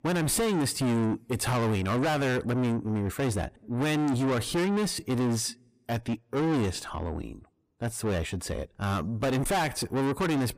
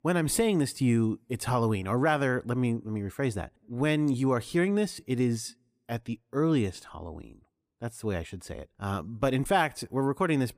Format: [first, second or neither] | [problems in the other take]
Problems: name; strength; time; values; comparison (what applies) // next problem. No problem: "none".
second | distortion; heavy; 6 dB below the speech